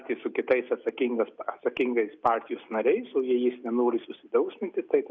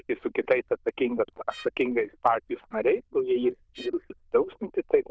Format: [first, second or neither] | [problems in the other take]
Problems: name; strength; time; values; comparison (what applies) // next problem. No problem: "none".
first | noise reduction (neural diffusion model UNIVERSE++)